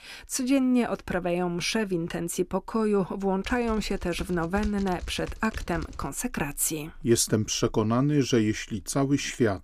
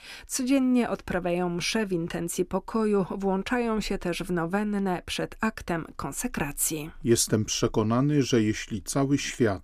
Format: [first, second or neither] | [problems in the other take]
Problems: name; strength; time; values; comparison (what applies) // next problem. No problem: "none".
second | keyboard typing; faint; from 3.5 to 6 s; peak 10 dB below the speech